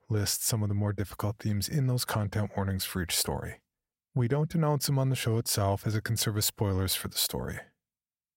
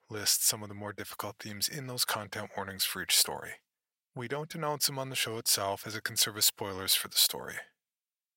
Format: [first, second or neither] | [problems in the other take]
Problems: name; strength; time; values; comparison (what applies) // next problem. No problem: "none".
first | thin; somewhat; fading below 1 kHz